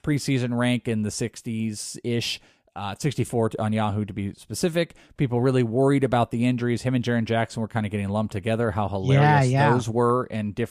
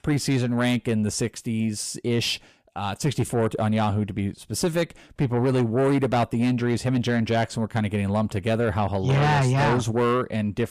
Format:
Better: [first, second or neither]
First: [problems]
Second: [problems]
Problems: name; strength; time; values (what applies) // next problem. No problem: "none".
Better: first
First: none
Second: distortion; slight; 10 dB below the speech